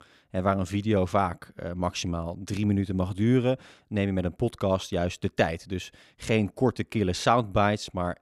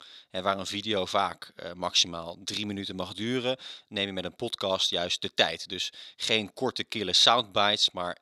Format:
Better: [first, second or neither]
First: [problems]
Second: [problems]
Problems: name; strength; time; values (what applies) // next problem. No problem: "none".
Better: first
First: none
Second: thin; somewhat; fading below 650 Hz